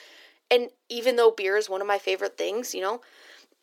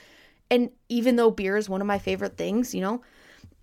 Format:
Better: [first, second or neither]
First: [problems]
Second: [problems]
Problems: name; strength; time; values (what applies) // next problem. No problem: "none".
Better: second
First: thin; very; fading below 350 Hz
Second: none